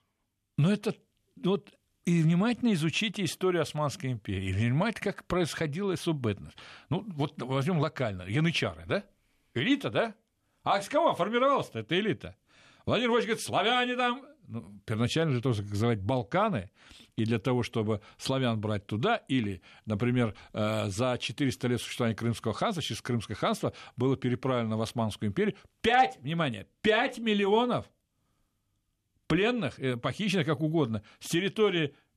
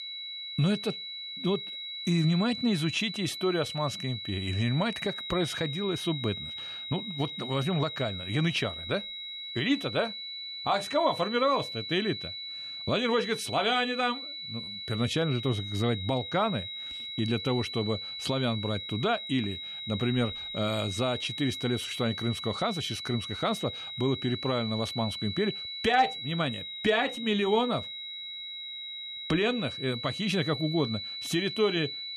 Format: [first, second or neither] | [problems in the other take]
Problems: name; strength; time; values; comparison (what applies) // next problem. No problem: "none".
first | high-pitched whine; loud; throughout; 4 kHz, 6 dB below the speech